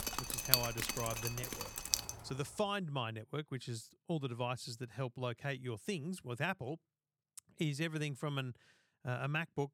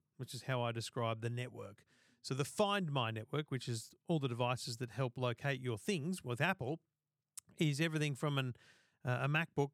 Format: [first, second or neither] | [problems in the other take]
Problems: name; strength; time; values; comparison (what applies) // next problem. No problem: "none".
second | rain or running water; very loud; until 2 s; 5 dB above the speech